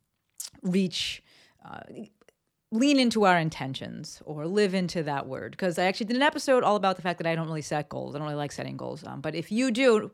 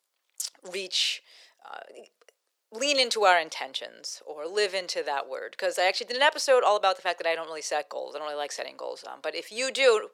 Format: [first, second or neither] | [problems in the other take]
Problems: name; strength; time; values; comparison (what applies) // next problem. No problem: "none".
first | thin; very; fading below 500 Hz